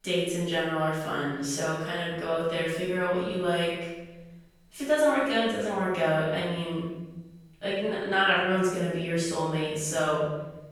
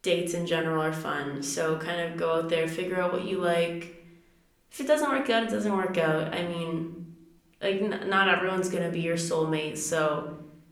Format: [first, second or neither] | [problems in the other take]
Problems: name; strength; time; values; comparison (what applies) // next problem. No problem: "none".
second | room echo; strong; dies away in 1.1 s; slight in the second // off-mic speech; far; somewhat distant in the second